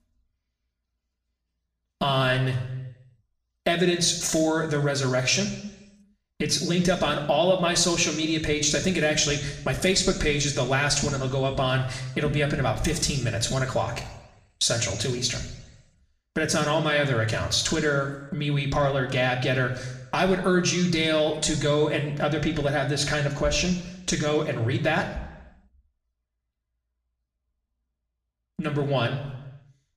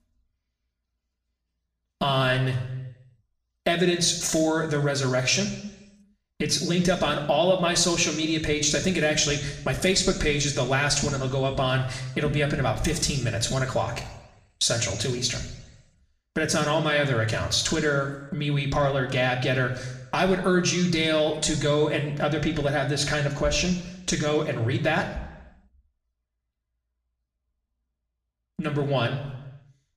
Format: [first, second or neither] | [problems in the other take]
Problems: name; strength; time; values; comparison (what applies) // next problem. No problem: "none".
neither | room echo; slight; dies away in 0.8 s; the same in both // off-mic speech; somewhat distant; the same in both